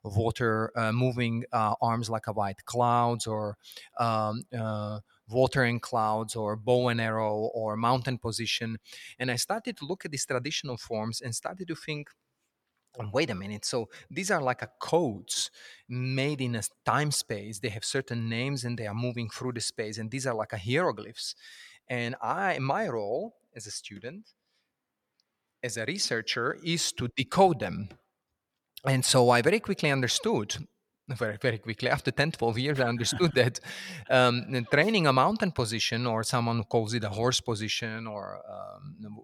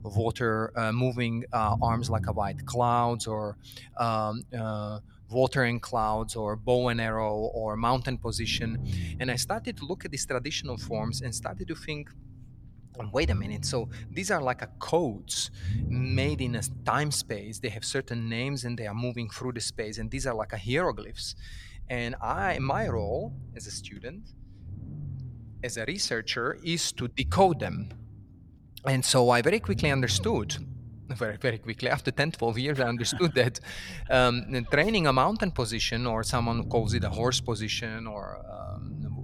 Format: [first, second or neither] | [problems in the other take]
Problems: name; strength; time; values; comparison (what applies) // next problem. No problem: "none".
first | low rumble; faint; throughout; 20 dB below the speech